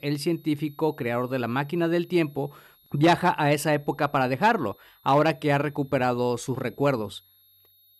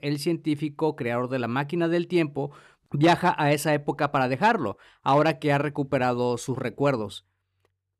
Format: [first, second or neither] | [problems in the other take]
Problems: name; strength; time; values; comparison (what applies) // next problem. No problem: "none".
second | high-pitched whine; faint; throughout; 12 kHz, 30 dB below the speech